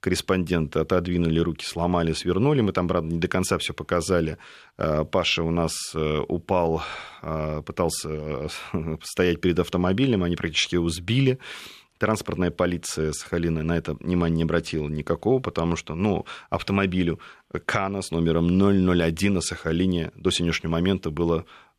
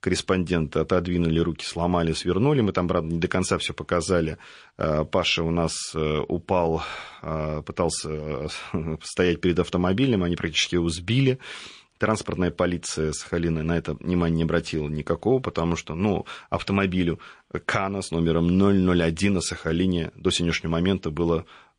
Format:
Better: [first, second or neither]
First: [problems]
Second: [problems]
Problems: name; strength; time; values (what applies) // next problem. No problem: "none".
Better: first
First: none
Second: garbled, watery; slightly